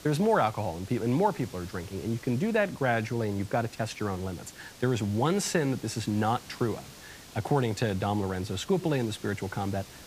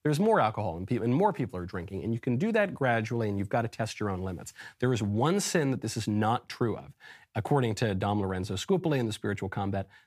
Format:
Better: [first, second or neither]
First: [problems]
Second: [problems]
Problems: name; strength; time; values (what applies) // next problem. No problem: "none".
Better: second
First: hiss; noticeable; throughout; 20 dB below the speech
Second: none